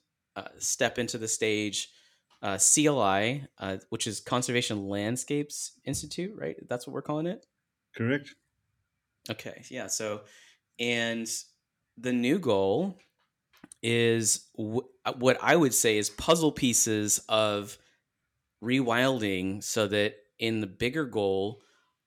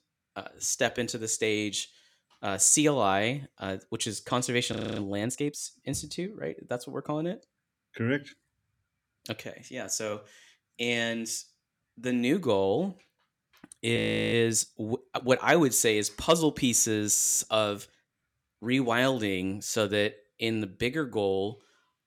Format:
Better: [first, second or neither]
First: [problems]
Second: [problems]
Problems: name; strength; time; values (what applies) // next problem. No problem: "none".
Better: first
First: none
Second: audio freezing; at 4.5 s, at 14 s and at 17 s